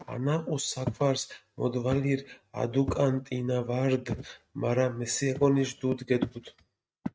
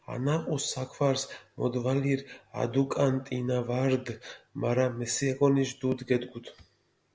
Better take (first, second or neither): second